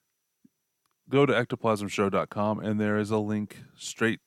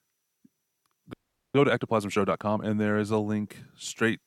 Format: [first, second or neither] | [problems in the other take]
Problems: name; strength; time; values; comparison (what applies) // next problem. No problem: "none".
first | audio freezing; at 1 s